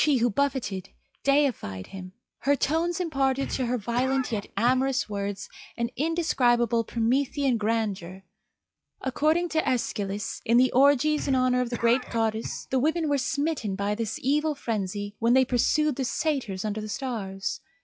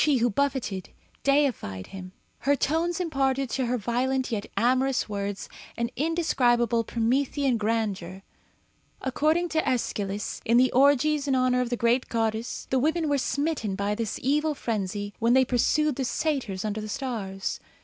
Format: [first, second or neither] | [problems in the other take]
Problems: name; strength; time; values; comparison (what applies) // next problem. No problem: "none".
second | noise reduction (classical method log-MMSE)